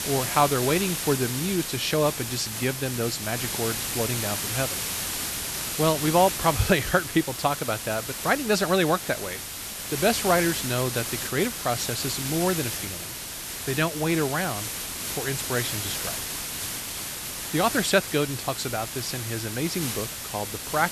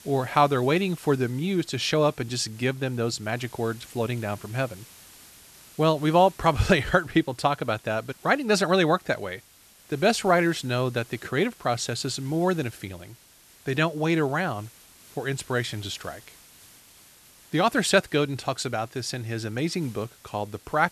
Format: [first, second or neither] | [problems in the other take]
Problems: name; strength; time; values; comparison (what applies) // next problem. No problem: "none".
second | hiss; loud; throughout; 3 dB below the speech; faint in the second